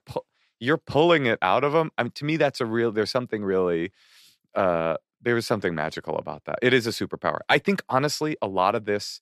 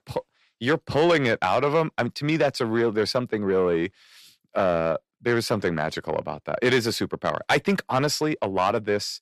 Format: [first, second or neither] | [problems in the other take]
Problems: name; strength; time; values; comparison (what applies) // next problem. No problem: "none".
first | distortion; slight; 10 dB below the speech